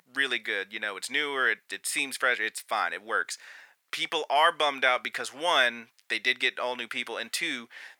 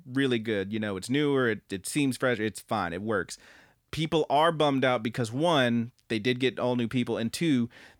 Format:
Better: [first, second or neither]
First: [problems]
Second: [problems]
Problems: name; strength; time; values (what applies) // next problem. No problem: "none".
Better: second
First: thin; very; fading below 800 Hz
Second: none